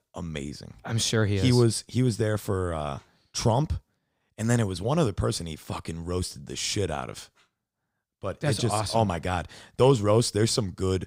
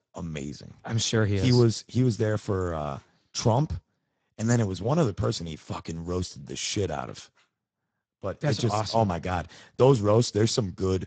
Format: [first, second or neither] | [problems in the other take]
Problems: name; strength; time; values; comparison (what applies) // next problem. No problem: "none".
first | garbled, watery; badly; nothing above 7.5 kHz